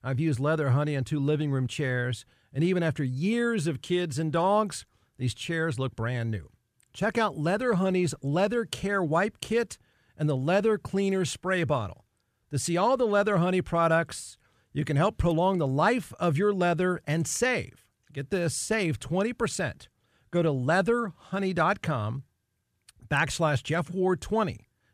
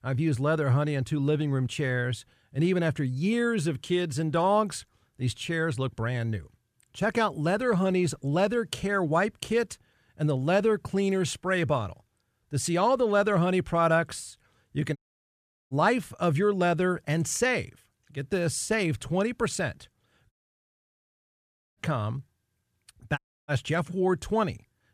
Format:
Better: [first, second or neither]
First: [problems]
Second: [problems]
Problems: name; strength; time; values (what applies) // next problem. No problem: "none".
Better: first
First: none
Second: audio cutting out; at 15 s for 1 s, at 20 s for 1.5 s and at 23 s